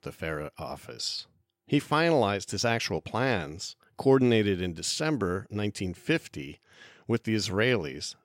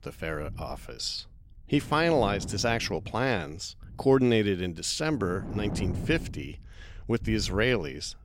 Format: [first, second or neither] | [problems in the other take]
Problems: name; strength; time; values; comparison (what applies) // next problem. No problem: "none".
first | wind noise on the microphone; occasional gusts; 15 dB below the speech